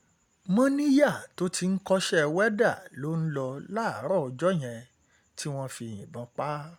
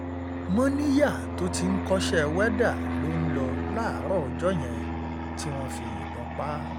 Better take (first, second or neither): first